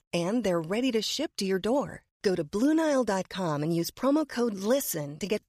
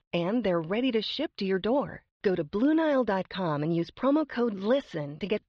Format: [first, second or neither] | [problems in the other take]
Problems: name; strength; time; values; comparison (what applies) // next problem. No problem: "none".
first | muffled; slightly; fading above 4 kHz